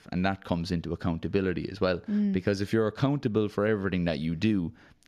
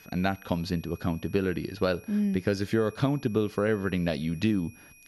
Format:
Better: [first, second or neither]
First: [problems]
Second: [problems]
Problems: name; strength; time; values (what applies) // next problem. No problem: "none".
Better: first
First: none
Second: high-pitched whine; faint; throughout; 2.5 kHz, 25 dB below the speech